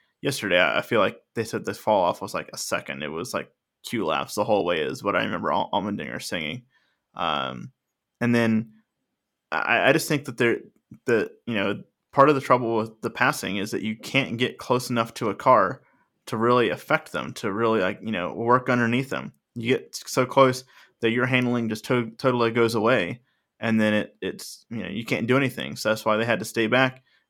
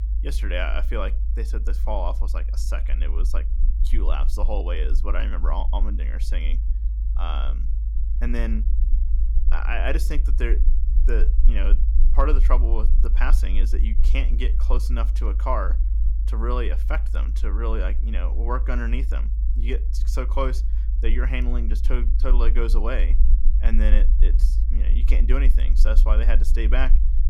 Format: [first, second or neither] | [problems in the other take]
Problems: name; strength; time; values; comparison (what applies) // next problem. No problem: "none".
first | low rumble; noticeable; throughout; 15 dB below the speech